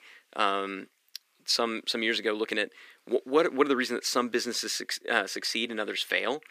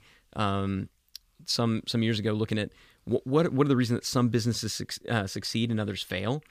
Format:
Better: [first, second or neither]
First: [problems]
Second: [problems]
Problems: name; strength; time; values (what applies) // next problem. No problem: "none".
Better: second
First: thin; somewhat; fading below 300 Hz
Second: none